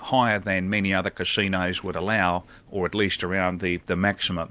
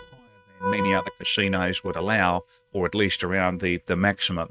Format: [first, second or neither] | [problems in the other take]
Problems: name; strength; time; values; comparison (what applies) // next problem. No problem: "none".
first | noise reduction (neural mask model RNNoise)